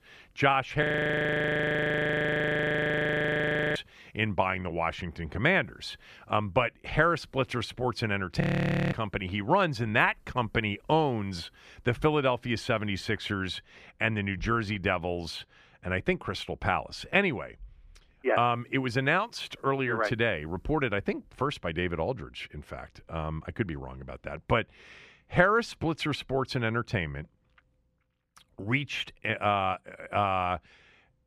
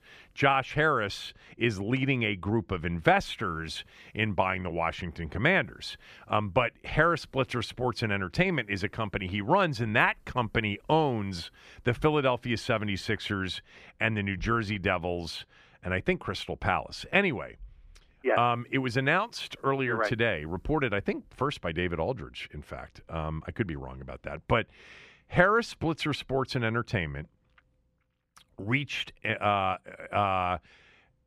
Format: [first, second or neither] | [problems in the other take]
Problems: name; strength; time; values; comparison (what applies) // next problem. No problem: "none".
second | audio freezing; at 1 s for 3 s and at 8.5 s for 0.5 s